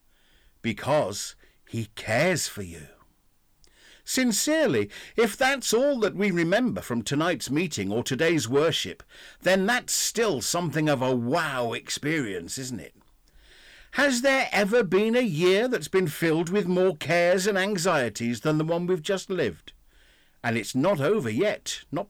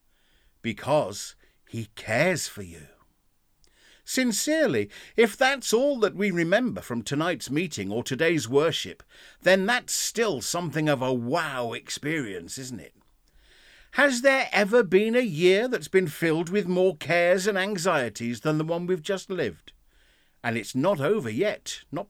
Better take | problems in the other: second | distortion; slight; 10 dB below the speech

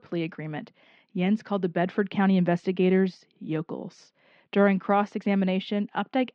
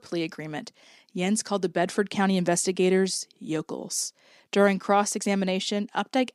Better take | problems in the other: second | muffled; very; fading above 3 kHz

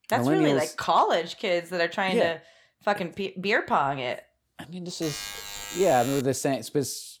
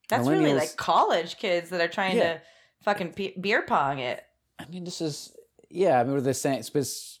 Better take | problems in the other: second | alarm; noticeable; from 5 to 6 s; peak 8 dB below the speech

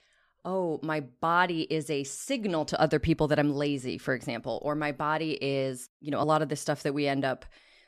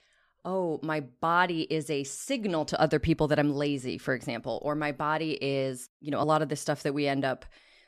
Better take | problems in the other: neither | none

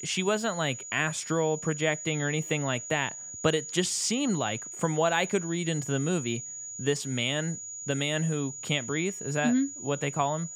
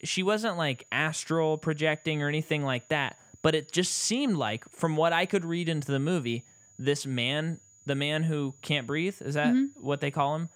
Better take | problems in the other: second | high-pitched whine; loud; throughout; 7 kHz, 8 dB below the speech; faint in the second

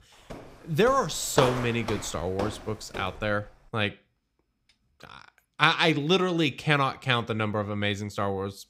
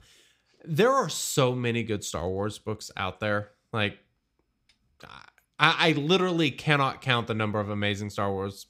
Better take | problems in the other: second | footsteps; noticeable; until 3 s; peak 2 dB below the speech

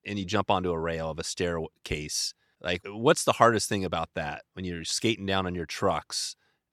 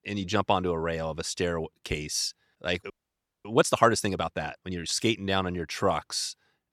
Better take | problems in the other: first | audio freezing; at 3 s for 0.5 s

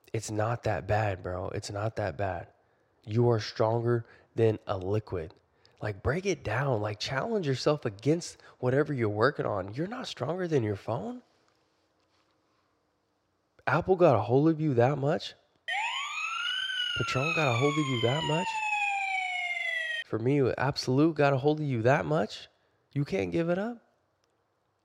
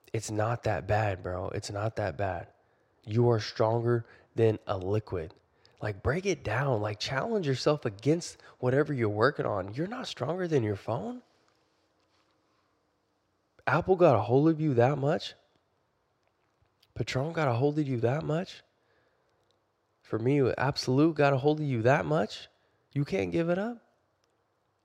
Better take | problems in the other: second | siren; loud; from 16 to 20 s; peak 1 dB above the speech

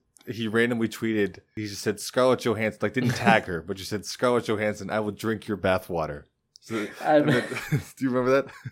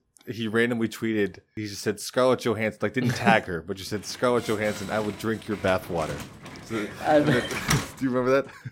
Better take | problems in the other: first | door banging; noticeable; from 4.5 to 8 s; peak 1 dB below the speech

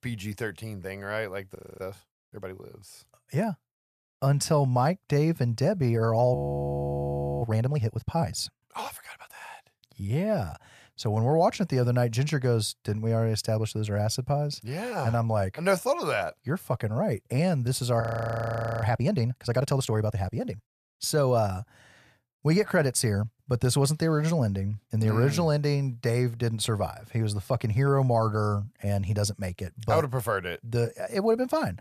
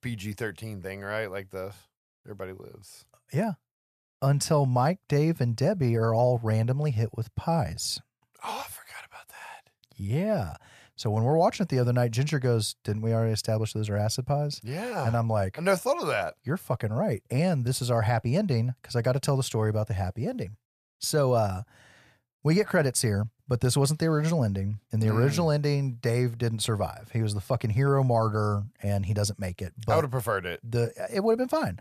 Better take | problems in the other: second | audio freezing; at 1.5 s, at 6.5 s for 1 s and at 18 s for 1 s

